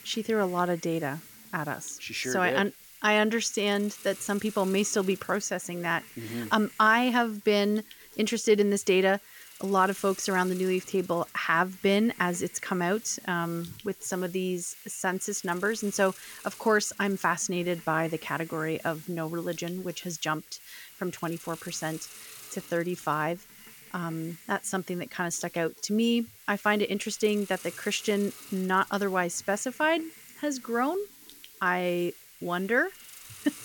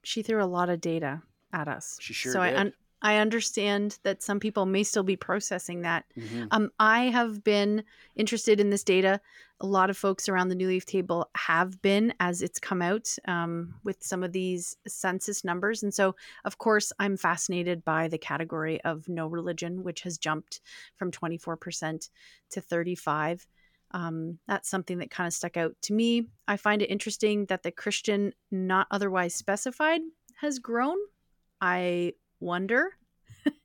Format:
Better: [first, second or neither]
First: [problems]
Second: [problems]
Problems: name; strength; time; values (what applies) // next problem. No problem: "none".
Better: second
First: hiss; noticeable; throughout; 20 dB below the speech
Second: none